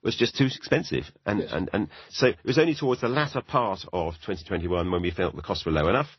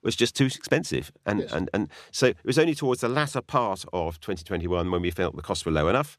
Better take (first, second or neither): second